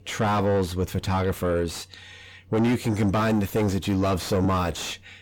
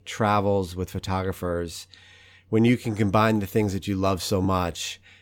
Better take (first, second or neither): second